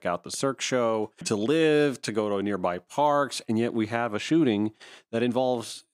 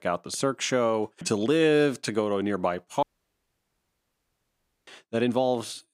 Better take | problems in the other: first | audio cutting out; at 3 s for 2 s

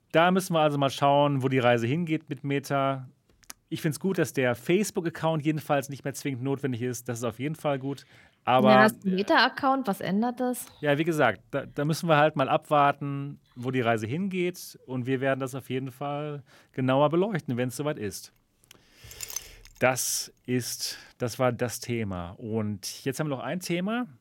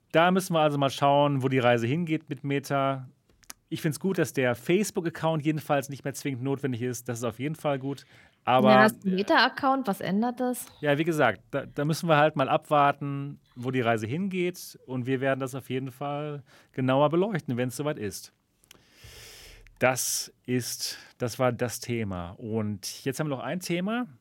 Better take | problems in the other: second | clattering dishes; noticeable; at 19 s; peak 9 dB below the speech

